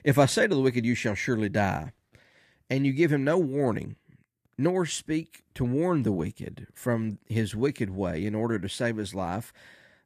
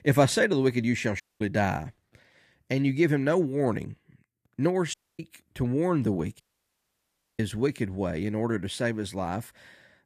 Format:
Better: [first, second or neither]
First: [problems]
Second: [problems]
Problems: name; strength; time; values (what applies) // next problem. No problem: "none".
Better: first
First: none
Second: audio cutting out; at 1 s, at 5 s and at 6.5 s for 1 s